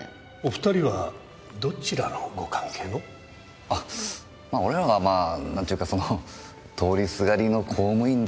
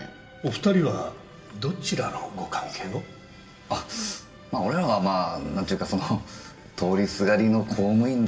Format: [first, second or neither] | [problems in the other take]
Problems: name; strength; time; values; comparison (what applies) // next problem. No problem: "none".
first | room echo; dies away in 0.2 s